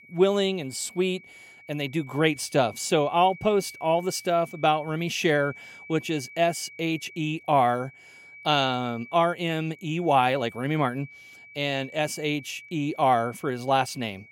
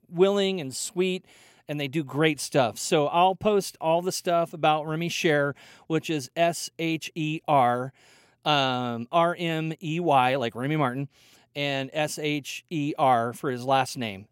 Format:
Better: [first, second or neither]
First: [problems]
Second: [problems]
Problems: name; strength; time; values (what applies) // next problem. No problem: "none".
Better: second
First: high-pitched whine; noticeable; throughout; 2.5 kHz, 20 dB below the speech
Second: none